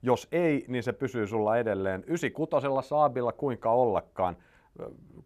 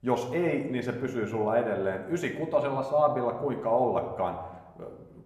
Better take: first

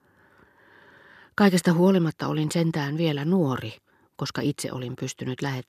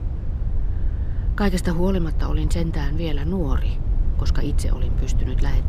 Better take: first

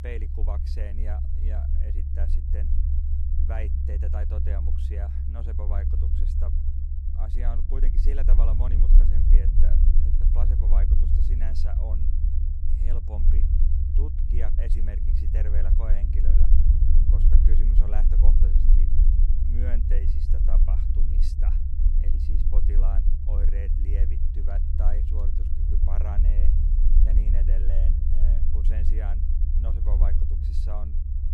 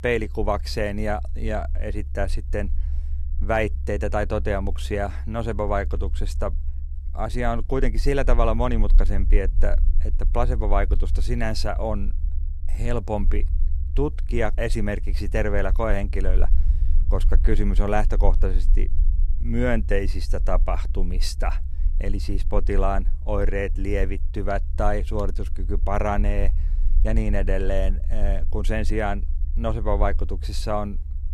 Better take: second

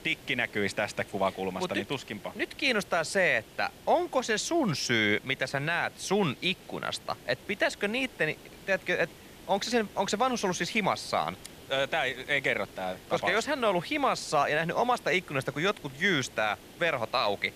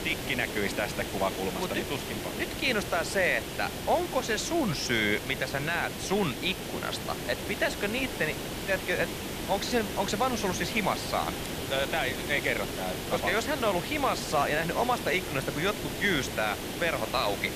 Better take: first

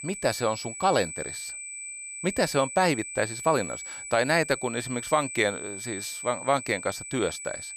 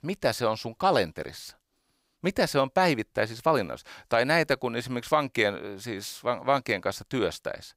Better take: second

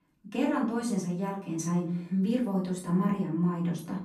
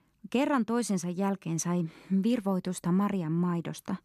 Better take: second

